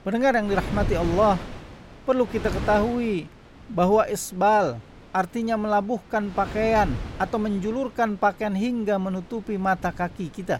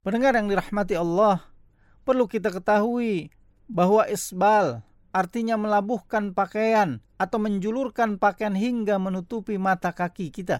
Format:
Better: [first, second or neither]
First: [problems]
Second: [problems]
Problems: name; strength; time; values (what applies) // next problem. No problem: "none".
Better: second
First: wind noise on the microphone; occasional gusts; 15 dB below the speech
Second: none